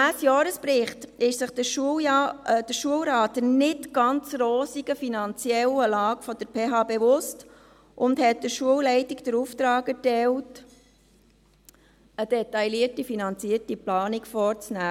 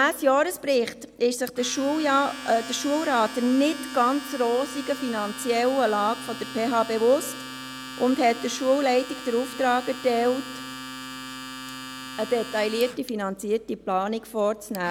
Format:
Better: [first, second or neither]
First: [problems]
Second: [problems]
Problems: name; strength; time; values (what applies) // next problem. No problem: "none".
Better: first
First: none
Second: background sound (Domestic sounds, home sounds); 13 dB below the speech